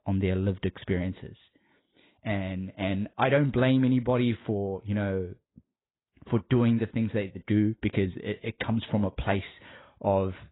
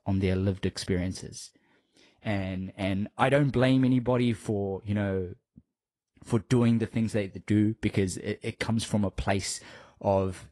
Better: second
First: garbled, watery; badly; nothing above 4 kHz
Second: garbled, watery; slightly

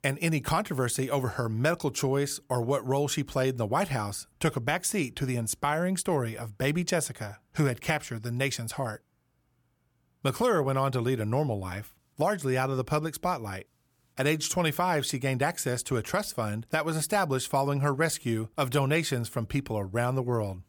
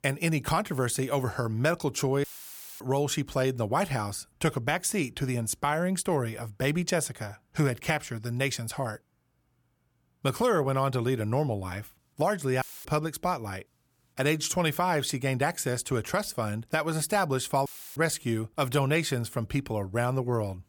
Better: first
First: none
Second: audio cutting out; filled with static; at 2 s for 0.5 s, at 13 s and at 18 s

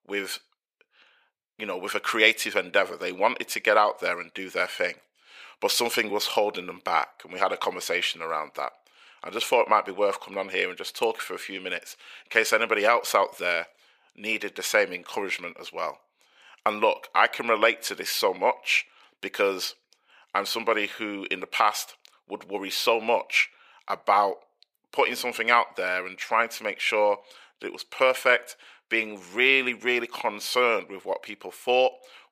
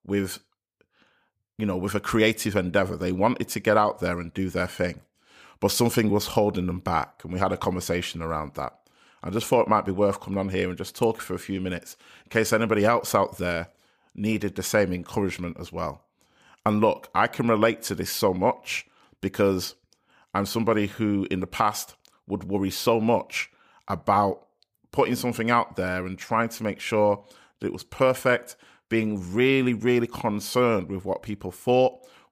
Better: second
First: thin; very; fading below 550 Hz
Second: none

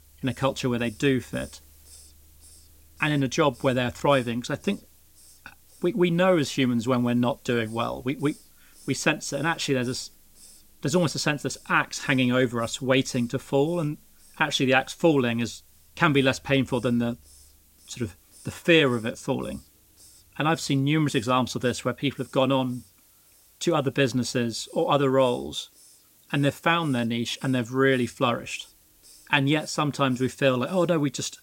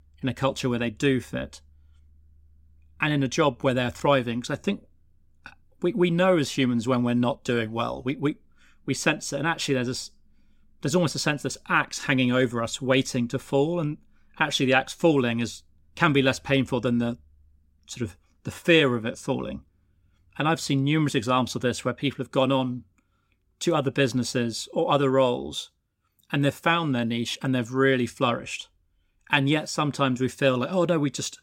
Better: second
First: hiss; faint; throughout; 25 dB below the speech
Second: none

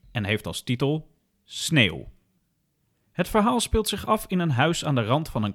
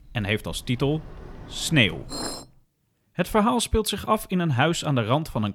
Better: first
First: none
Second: household noises; noticeable; until 2.5 s; 15 dB below the speech

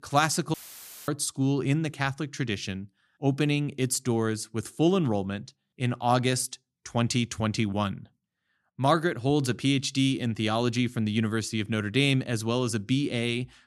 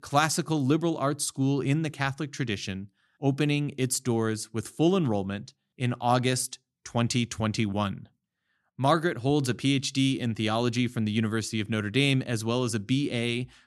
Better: second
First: audio cutting out; filled with static; at 0.5 s for 0.5 s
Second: none

